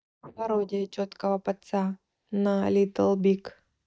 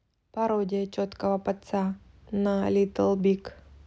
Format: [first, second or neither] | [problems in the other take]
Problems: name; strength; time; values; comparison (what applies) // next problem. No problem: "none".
second | noise reduction (neural mask model DeepFilterNet 3)